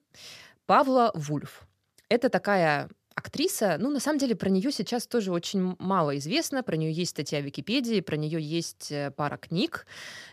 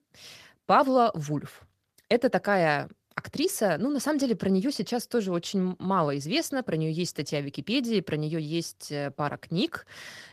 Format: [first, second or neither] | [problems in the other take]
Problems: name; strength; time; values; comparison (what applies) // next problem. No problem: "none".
first | garbled, watery; slightly; nothing above 14.5 kHz